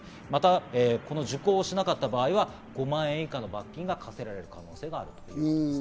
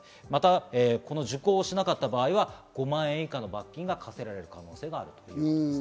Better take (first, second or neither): second